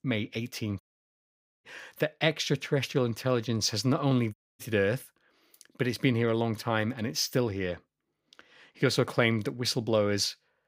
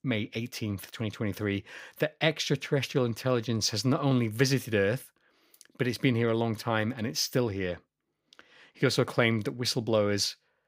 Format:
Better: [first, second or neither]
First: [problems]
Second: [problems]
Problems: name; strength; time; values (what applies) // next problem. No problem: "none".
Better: second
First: audio cutting out; at 1 s for 1 s and at 4.5 s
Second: none